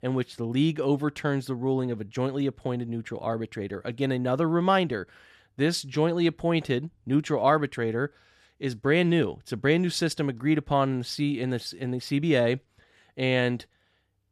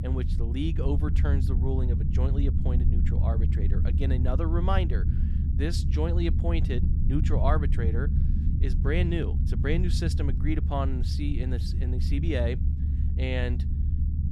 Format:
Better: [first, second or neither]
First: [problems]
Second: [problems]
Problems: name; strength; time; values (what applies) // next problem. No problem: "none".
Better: first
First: none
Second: low rumble; loud; throughout; 7 dB below the speech